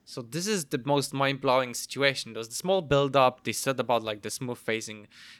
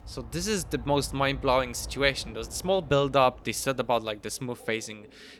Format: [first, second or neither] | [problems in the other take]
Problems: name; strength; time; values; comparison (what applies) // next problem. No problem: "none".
first | train or aircraft noise; noticeable; throughout; 20 dB below the speech